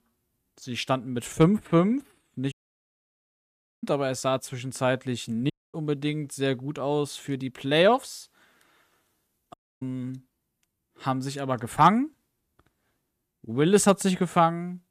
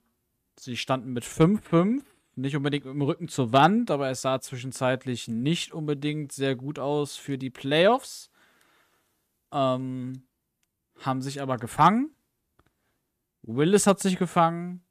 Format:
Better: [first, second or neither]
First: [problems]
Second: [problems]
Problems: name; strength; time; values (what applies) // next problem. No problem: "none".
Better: second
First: audio cutting out; at 2.5 s for 1.5 s, at 5.5 s and at 9.5 s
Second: none